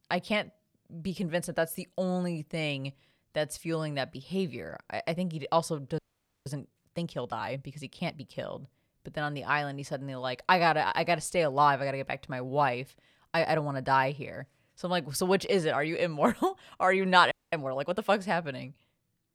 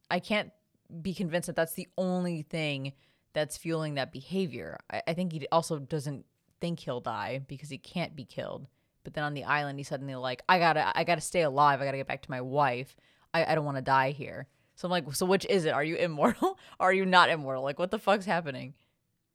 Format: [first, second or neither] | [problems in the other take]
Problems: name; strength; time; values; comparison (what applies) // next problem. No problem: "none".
second | audio freezing; at 6 s and at 17 s